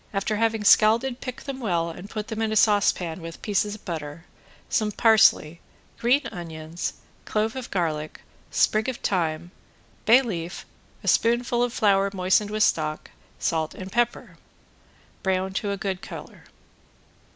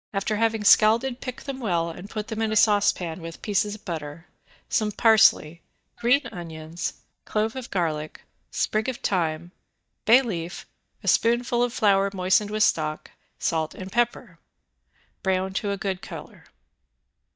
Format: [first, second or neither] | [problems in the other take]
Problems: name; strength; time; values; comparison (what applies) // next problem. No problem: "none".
first | noise reduction (neural mask model DeepFilterNet 3)